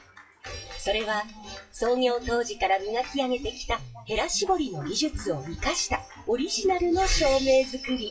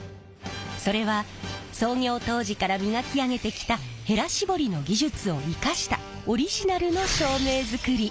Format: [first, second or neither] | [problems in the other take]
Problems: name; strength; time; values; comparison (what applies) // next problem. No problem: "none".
second | noise reduction (classical method WPE with log-MMSE)